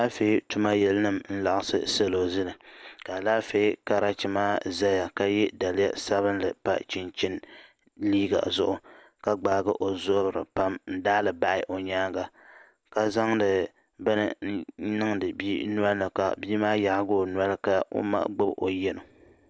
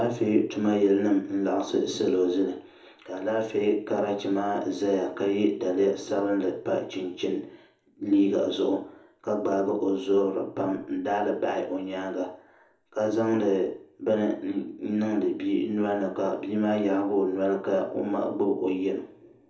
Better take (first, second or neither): first